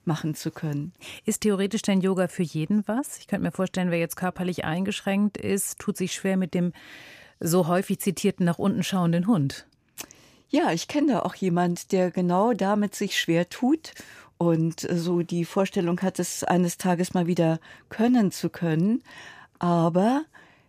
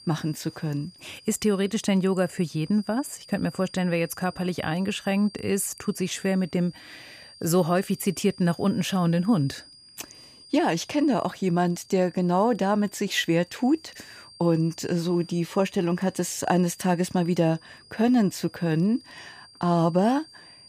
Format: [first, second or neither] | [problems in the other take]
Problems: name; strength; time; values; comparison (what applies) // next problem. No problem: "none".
first | high-pitched whine; faint; throughout; 4.5 kHz, 20 dB below the speech